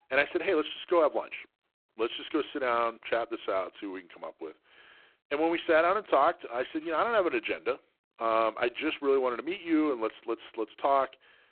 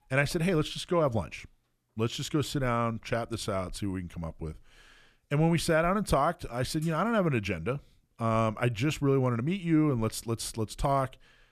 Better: second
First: phone-call audio; poor line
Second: none

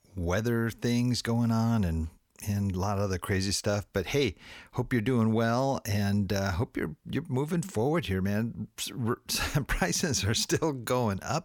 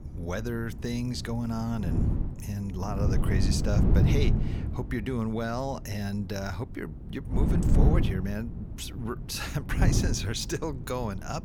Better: first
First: none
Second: wind noise on the microphone; heavy; 4 dB below the speech

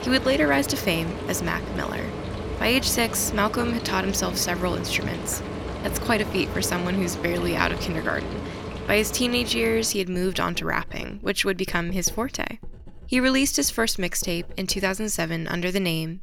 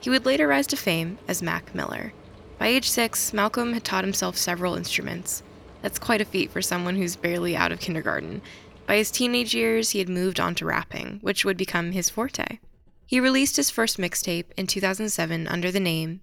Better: second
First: household noises; loud; throughout; 8 dB below the speech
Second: household noises; faint; throughout; 25 dB below the speech

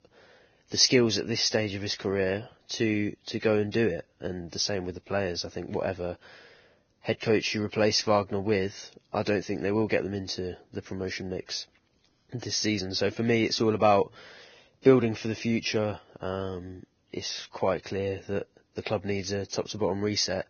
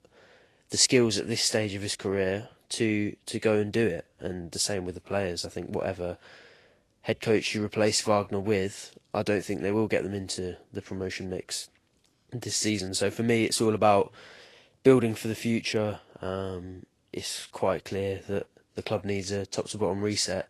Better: second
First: garbled, watery; badly; nothing above 6.5 kHz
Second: garbled, watery; slightly

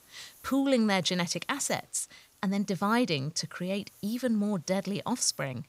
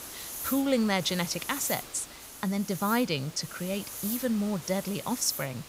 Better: first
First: hiss; faint; throughout; 25 dB below the speech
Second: hiss; loud; throughout; 8 dB below the speech

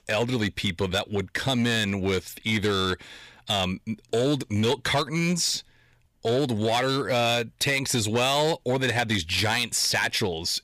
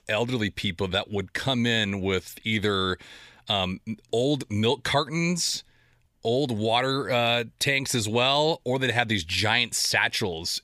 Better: second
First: distortion; slight; 7% of the sound clipped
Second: none

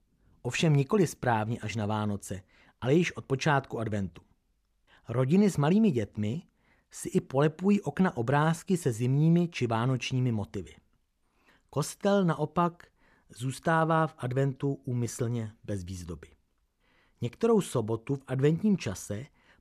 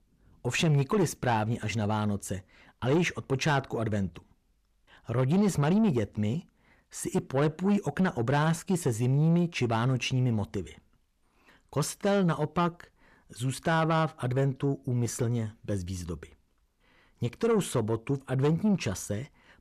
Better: first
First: none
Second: distortion; slight; 10 dB below the speech

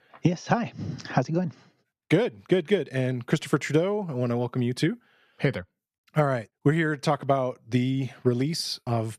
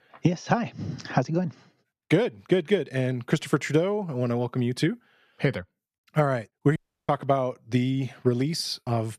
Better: first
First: none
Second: audio cutting out; at 7 s

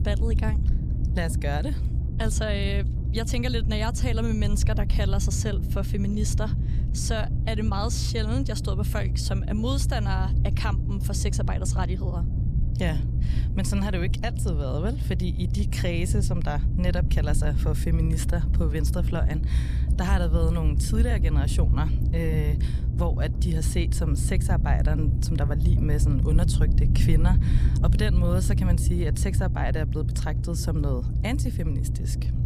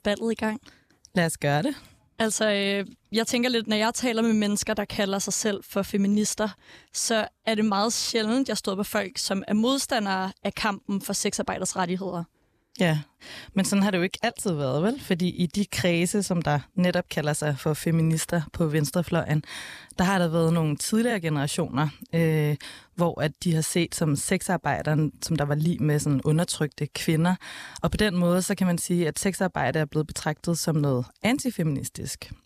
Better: second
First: low rumble; loud; throughout; 7 dB below the speech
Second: none

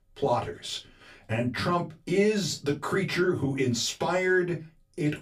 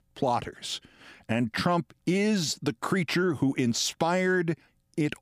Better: second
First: off-mic speech; far // room echo; very slight; dies away in 0.2 s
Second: none

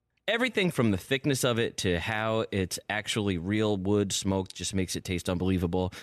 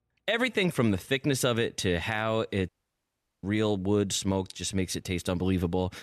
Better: first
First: none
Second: audio cutting out; at 2.5 s for 0.5 s

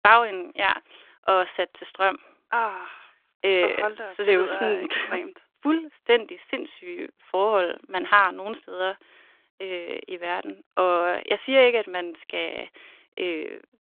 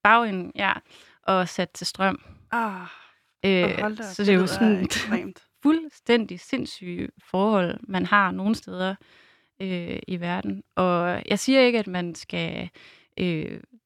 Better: second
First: phone-call audio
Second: none

